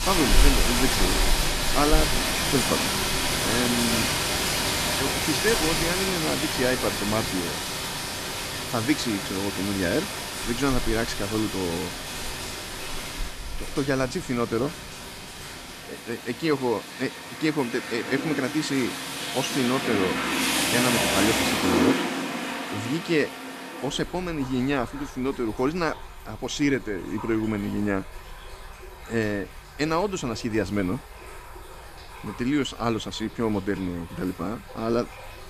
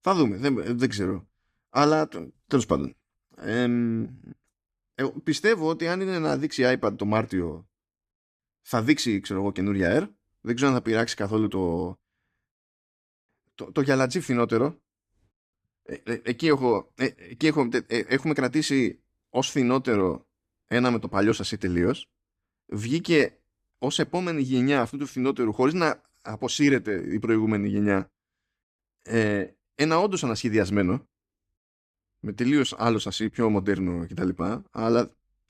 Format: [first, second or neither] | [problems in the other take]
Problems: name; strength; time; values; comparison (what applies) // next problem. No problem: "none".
second | rain or running water; very loud; throughout; 2 dB above the speech